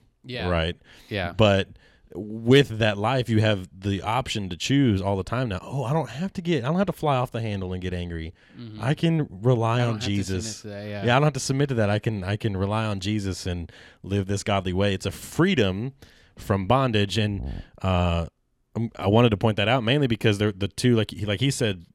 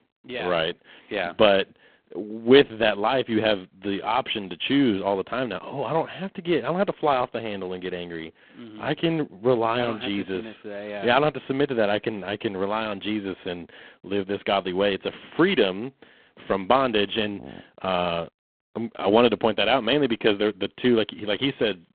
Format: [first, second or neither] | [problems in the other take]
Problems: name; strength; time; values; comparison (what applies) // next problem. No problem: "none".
first | phone-call audio; poor line